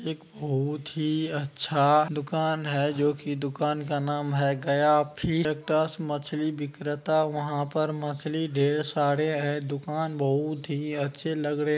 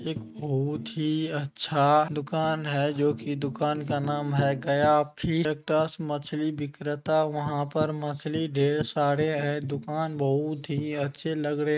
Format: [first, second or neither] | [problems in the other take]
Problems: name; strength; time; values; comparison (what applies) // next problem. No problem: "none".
first | noise reduction (neural mask model RNNoise)